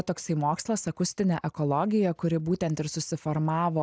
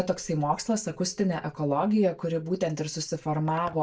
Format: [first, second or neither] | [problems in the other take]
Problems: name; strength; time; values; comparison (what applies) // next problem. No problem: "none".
first | noise reduction (neural mask model DeepFilterNet 3)